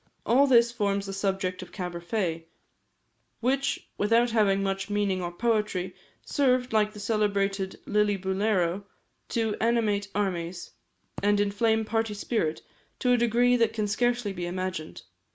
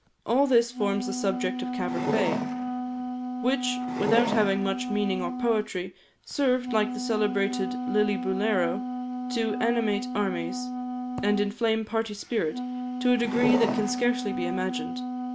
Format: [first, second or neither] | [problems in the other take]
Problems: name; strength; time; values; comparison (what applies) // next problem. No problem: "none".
first | background sound (Wind instrument, woodwind instrument + Wood); 3 dB below the speech